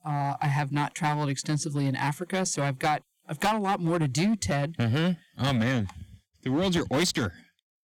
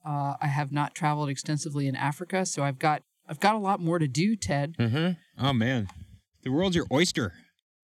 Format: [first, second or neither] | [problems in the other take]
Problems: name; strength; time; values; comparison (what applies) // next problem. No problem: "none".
second | distortion; slight; 10% of the sound clipped